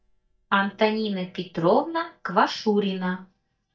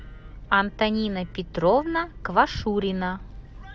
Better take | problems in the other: second | noise reduction (neural mask model DeepFilterNet 3)

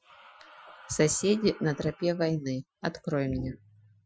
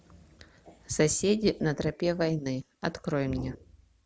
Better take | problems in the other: second | noise reduction (classical method Wiener filter)

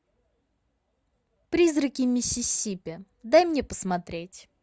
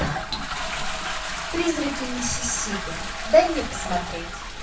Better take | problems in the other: first | background sound (Toilet flush); 3 dB below the speech // room echo; dies away in 0.3 s

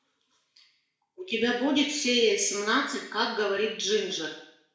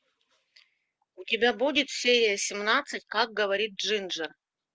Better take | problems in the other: second | room echo; dies away in 0.6 s

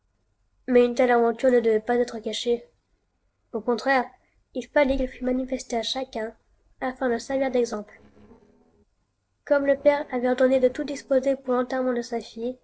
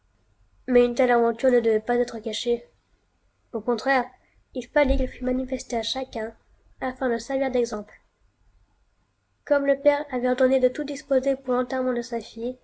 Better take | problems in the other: second | noise reduction (neural separator model SepFormer DNS4)

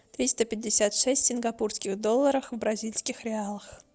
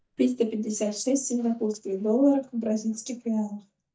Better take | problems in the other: first | noise reduction (neural mask model DeepFilterNet 3)

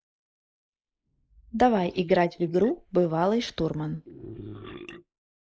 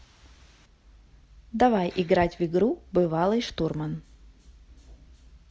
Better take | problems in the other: second | noise reduction (neural mask model Resemble Enhance denoiser)

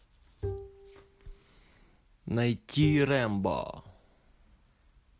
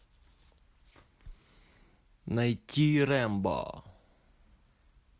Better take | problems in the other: second | background sound (Bowed string instrument); 10 dB below the speech

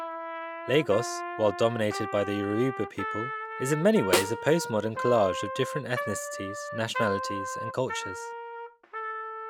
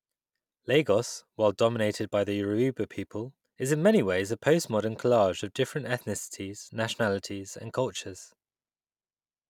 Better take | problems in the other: second | background sound (Trumpet + Snare drum); 6 dB below the speech

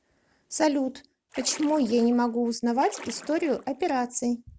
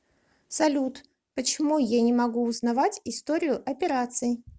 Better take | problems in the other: second | background sound (Splash, splatter); 19 dB below the speech

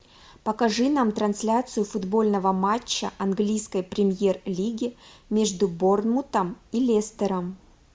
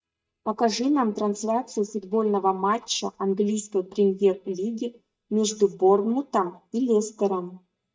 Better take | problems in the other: first | noise reduction (neural mask model DeepFilterNet 3)

